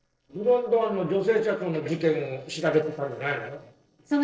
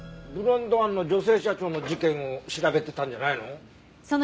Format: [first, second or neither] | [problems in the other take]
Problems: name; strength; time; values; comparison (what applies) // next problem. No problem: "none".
second | noise reduction (neural separator model SepFormer DNS4)